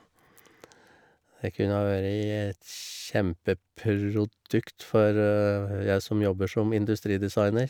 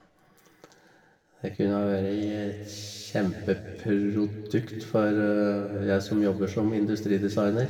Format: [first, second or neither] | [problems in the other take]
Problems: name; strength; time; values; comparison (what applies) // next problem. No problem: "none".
first | room echo; dies away in 1.9 s